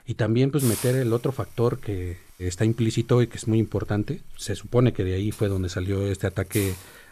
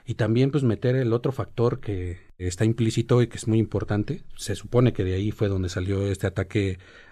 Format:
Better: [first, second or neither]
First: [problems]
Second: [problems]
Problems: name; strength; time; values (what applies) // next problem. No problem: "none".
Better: second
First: hiss; noticeable; throughout; 10 dB below the speech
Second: none